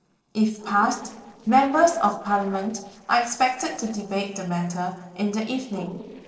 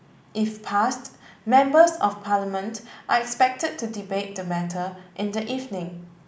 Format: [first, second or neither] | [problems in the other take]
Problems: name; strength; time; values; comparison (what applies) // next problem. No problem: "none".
second | noise reduction (neural separator model SepFormer DNS4)